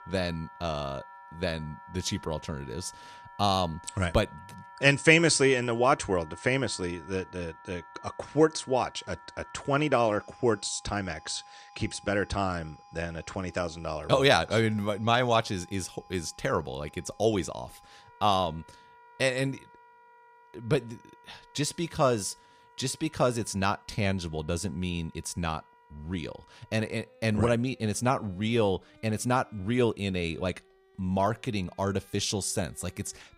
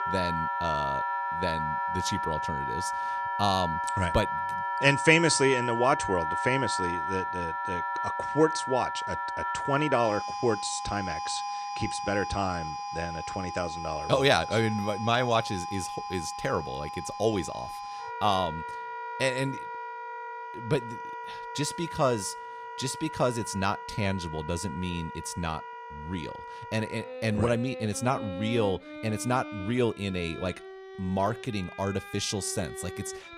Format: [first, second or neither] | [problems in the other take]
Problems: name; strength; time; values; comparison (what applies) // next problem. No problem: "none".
first | background music; loud; throughout; 5 dB below the speech; faint in the first